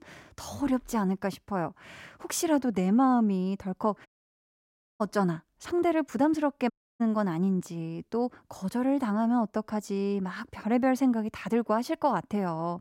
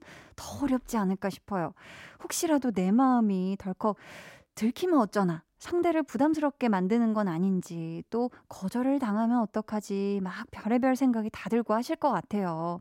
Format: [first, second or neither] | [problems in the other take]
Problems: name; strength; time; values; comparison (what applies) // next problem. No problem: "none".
second | audio cutting out; at 4 s for 1 s and at 6.5 s